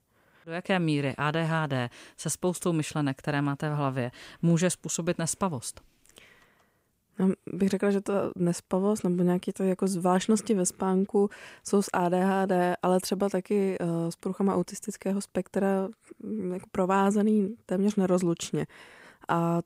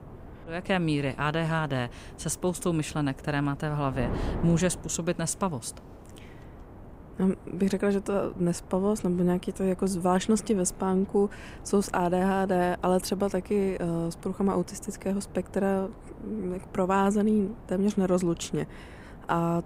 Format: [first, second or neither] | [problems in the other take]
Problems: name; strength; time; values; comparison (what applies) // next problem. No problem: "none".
first | wind noise on the microphone; occasional gusts; 20 dB below the speech